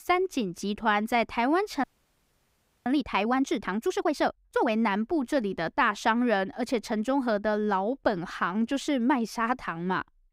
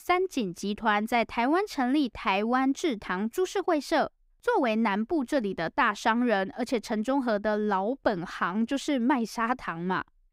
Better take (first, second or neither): second